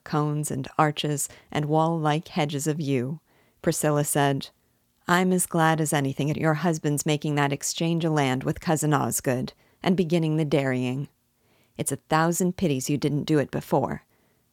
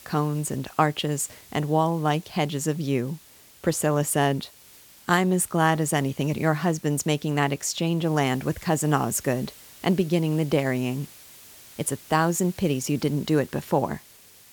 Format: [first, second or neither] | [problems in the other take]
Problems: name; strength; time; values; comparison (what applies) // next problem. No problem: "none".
first | hiss; faint; throughout; 20 dB below the speech